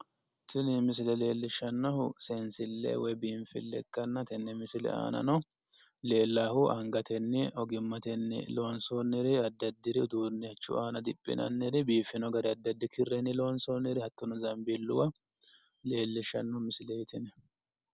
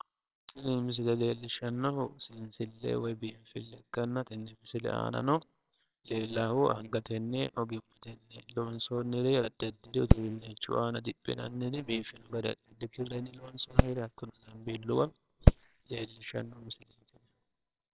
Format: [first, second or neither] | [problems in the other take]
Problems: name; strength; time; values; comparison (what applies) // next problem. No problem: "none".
first | noise reduction (neural separator model SepFormer WHAMR!)